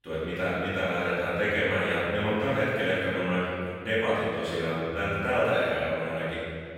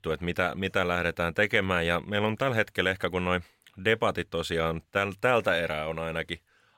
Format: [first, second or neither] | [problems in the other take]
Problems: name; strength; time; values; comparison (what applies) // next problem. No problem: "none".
second | off-mic speech; far // room echo; strong; dies away in 2.1 s